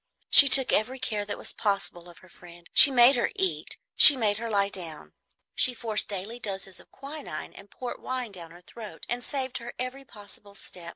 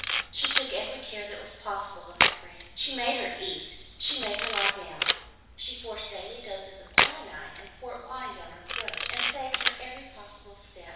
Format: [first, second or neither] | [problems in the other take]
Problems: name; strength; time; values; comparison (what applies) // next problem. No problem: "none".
first | background sound (Camera); 4 dB above the speech // room echo; dies away in 1.1 s